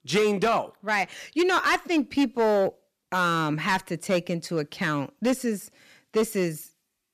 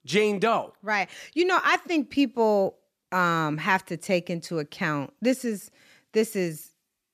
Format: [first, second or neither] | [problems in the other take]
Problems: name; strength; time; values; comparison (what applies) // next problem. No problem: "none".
second | distortion; slight; 6% of the sound clipped